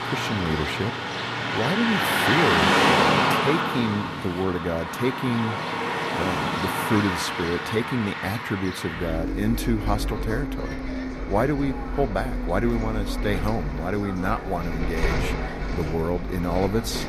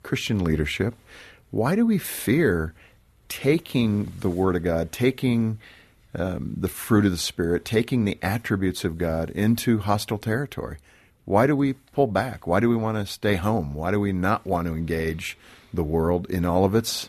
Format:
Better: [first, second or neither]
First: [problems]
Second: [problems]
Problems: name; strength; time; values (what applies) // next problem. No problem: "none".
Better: second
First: traffic noise; very loud; throughout; 1 dB above the speech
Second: none